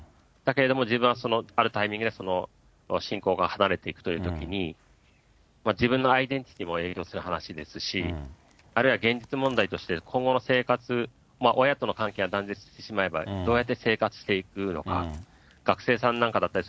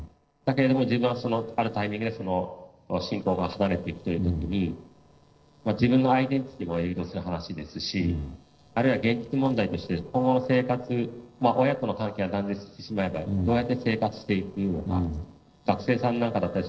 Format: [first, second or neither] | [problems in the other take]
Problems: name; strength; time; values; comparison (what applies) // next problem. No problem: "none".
first | noise reduction (neural separator model SepFormer DNS4)